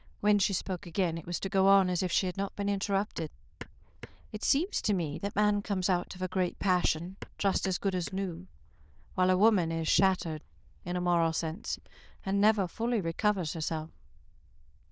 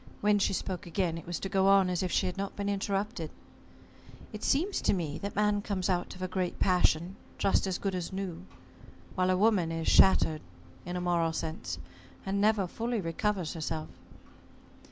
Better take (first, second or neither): second